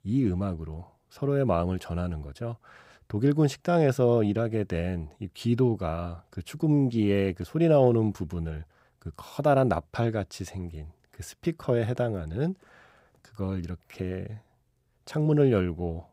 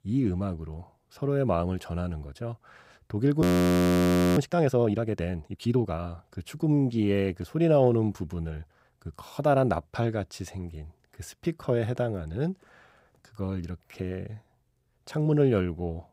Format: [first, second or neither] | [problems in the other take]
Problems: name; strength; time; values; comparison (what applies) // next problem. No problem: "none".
first | audio freezing; at 3.5 s for 1 s